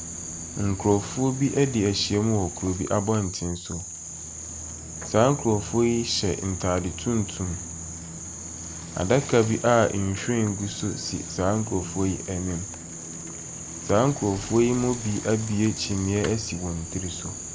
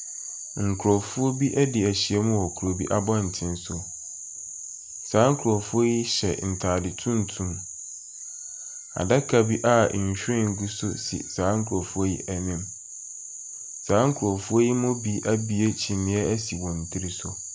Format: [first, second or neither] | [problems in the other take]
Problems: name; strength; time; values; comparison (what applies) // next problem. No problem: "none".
second | background sound (Bicycle); 15 dB below the speech